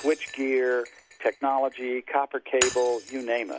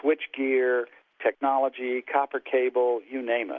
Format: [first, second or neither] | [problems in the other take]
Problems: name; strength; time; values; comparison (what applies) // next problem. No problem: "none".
second | background sound (Shatter); 11 dB below the speech